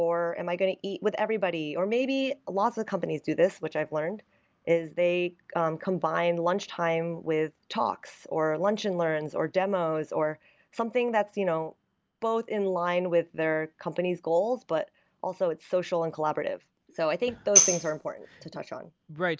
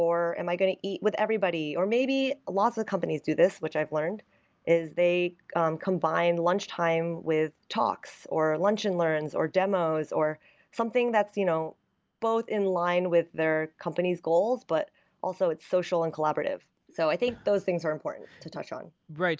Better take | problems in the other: second | background sound (Tambourine); 2 dB above the speech

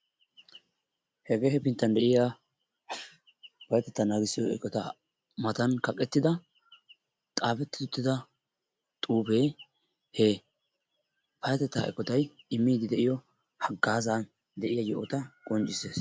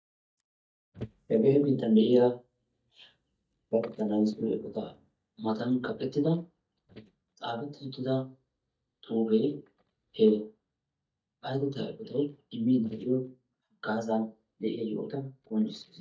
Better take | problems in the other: first | noise reduction (neural mask model DeepFilterNet 3)

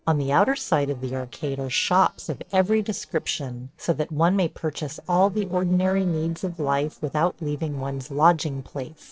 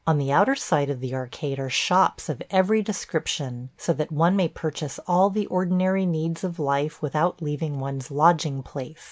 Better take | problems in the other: second | noise reduction (neural separator model SepFormer DNS4)

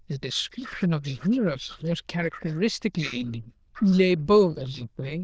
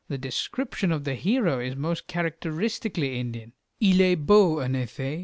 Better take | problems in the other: second | noise reduction (neural diffusion model UNIVERSE++)

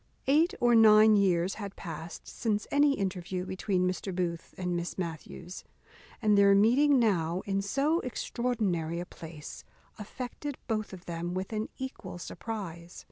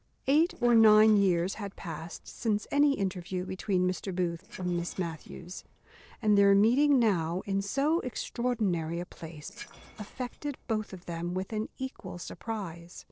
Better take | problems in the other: first | noise reduction (neural separator model SepFormer DNS4)

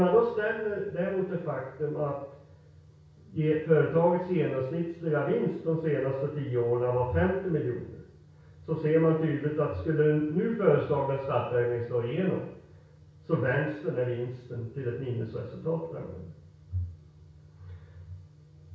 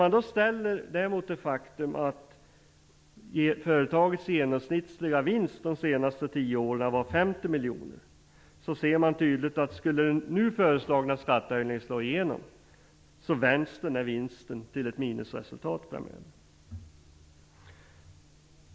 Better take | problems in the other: second | room echo; dies away in 0.6 s

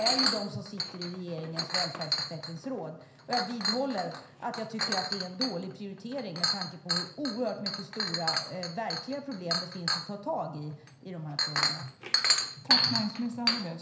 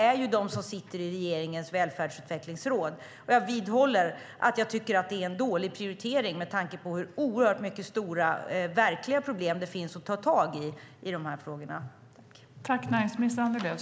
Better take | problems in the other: second | background sound (Chink, clink); 3 dB above the speech // room echo; dies away in 0.5 s

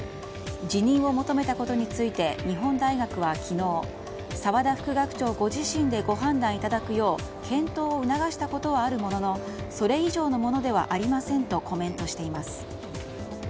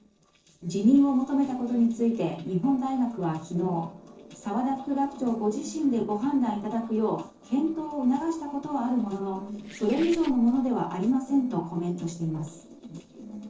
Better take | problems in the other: first | noise reduction (neural separator model SepFormer DNS4)

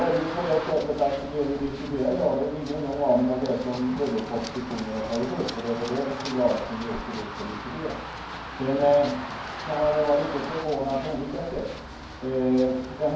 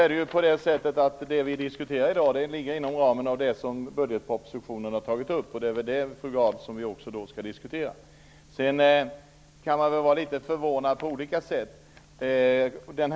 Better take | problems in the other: second | background sound (Run); 10 dB below the speech // room echo; dies away in 0.9 s

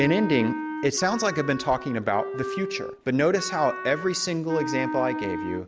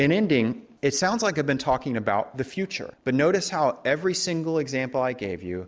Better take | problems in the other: second | background sound (Wind instrument, woodwind instrument); 7 dB below the speech

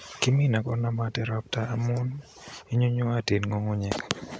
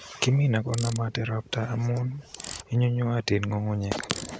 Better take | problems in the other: first | background sound (Ratchet, pawl); 18 dB below the speech

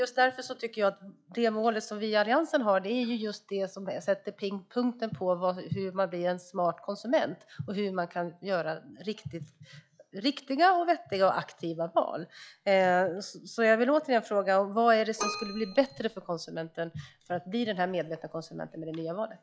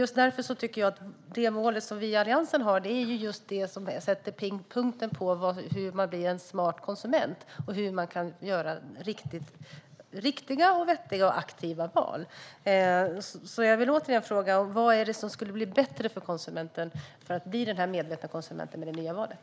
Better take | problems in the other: second | noise reduction (classical method log-MMSE)

